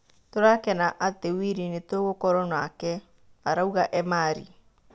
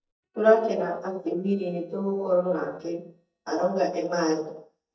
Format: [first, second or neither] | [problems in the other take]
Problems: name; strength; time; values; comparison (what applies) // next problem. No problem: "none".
first | noise reduction (neural mask model DeepFilterNet 3)